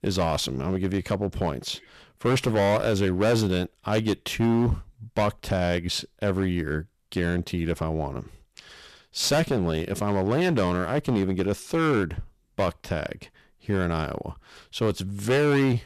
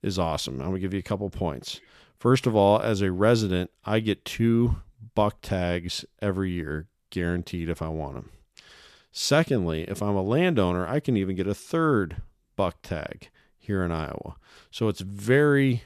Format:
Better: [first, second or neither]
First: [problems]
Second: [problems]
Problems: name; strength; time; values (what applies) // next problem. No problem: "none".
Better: second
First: distortion; heavy; 12% of the sound clipped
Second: none